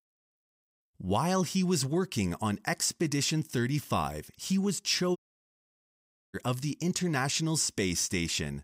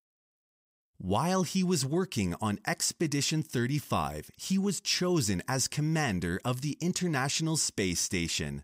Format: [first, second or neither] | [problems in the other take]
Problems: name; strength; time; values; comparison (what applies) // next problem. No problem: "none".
second | audio cutting out; at 5 s for 1 s